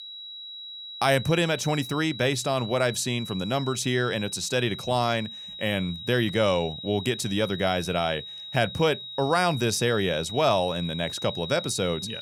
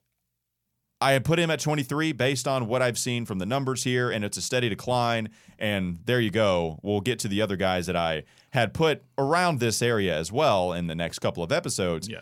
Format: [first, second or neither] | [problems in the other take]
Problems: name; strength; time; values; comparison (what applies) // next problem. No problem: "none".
second | high-pitched whine; noticeable; throughout; 4 kHz, 10 dB below the speech